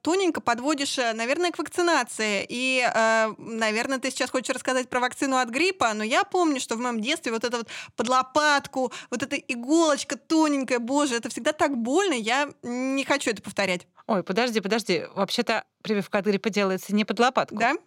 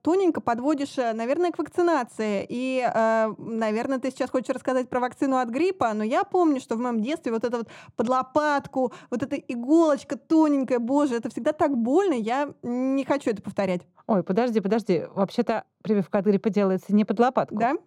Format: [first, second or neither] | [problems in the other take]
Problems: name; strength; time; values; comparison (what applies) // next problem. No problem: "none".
first | muffled; slightly; fading above 1.5 kHz